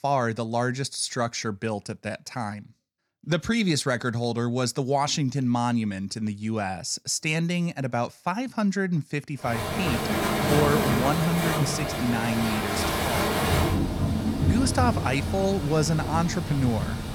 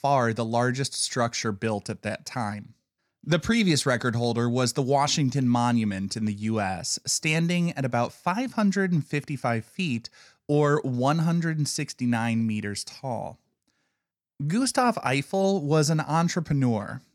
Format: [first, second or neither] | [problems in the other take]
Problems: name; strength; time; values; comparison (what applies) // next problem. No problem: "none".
second | rain or running water; very loud; from 9.5 s on; as loud as the speech